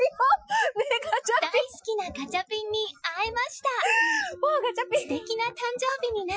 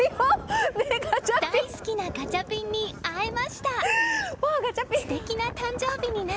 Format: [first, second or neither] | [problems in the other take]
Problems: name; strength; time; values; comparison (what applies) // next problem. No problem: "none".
second | noise reduction (classical method Wiener filter)